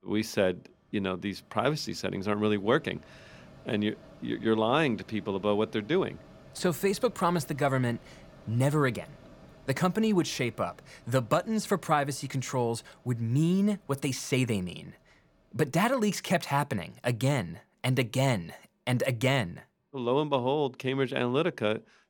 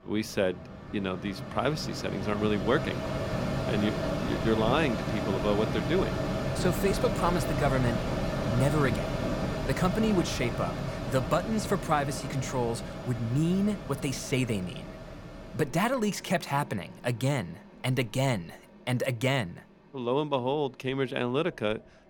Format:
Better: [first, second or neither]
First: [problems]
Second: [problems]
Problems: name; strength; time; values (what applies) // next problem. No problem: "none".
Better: first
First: machinery noise; faint; throughout; 25 dB below the speech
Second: machinery noise; loud; throughout; 3 dB below the speech